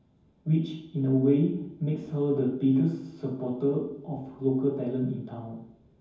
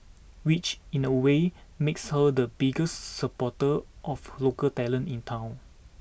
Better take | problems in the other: second | room echo; dies away in 0.9 s

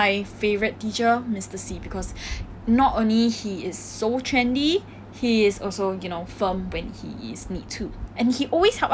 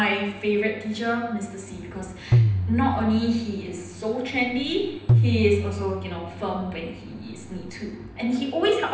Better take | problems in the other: first | background sound (Tabla); as loud as the speech // room echo; dies away in 0.9 s

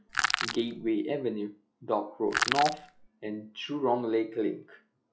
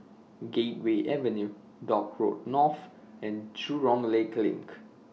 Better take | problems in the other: second | noise reduction (classical method log-MMSE)

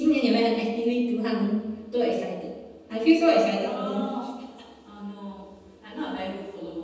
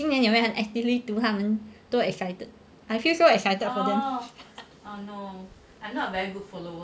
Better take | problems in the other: second | room echo; dies away in 1.1 s

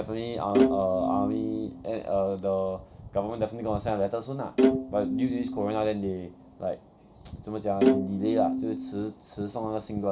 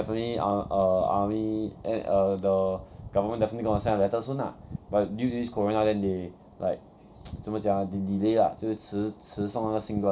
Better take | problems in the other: second | background sound (Bowed string instrument); 1 dB above the speech

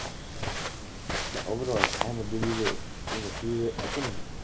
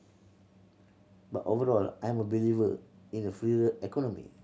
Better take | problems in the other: second | background sound (Walk, footsteps); 1 dB above the speech

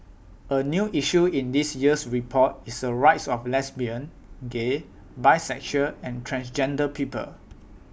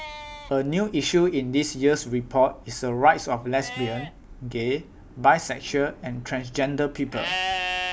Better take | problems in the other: first | background sound (Livestock, farm animals, working animals); 11 dB below the speech

